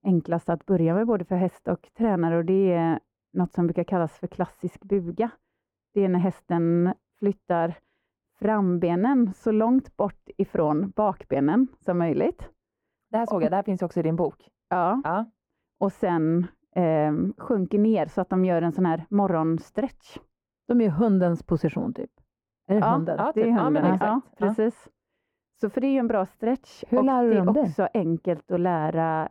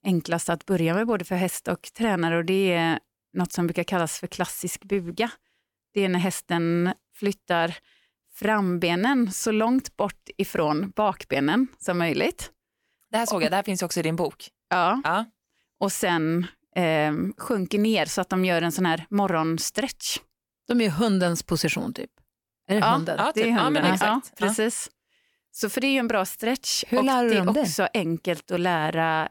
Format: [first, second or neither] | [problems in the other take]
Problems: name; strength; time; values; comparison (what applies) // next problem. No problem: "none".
second | muffled; very; fading above 2 kHz